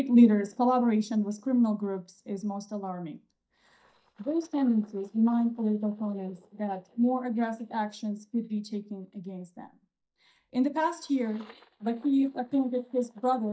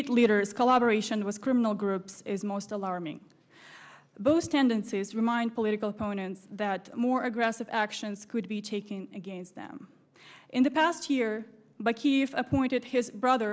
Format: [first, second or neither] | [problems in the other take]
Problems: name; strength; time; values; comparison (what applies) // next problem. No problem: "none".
second | noise reduction (neural mask model DeepFilterNet 3)